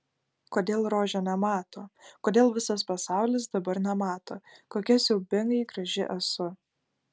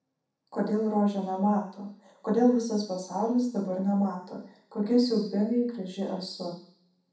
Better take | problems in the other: first | room echo; dies away in 0.7 s

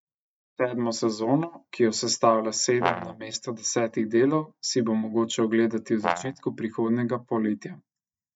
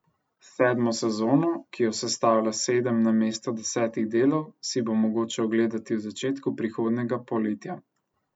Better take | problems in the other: second | noise reduction (neural mask model DeepFilterNet 3)

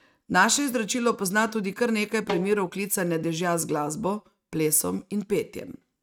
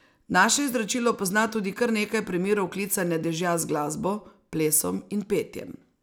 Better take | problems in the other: second | noise reduction (neural mask model RNNoise)

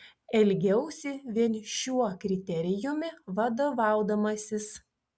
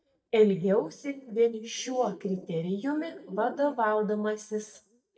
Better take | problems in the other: first | noise reduction (neural mask model DeepFilterNet 3)

